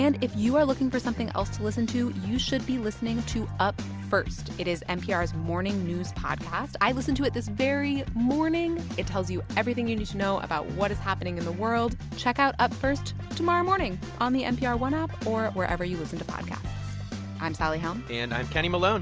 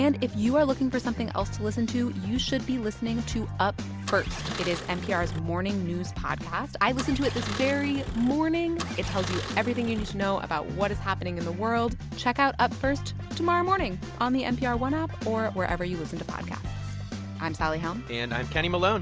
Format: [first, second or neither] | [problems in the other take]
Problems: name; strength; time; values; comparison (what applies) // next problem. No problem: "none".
first | background sound (Engine starting); 11 dB below the speech